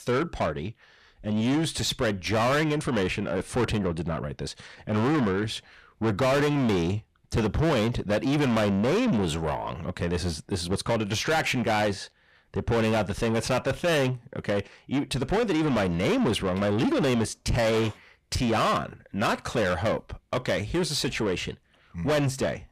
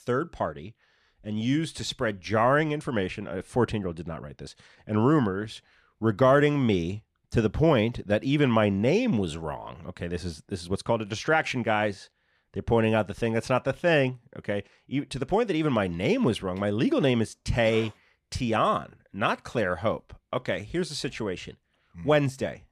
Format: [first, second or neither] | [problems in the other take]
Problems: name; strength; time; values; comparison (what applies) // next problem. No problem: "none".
second | distortion; heavy; 6 dB below the speech